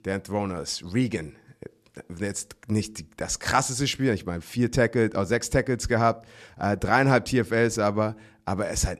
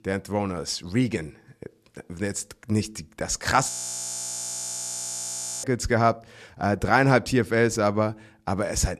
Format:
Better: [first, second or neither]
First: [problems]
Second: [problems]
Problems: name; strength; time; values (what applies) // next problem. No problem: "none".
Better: first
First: none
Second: audio freezing; at 3.5 s for 2 s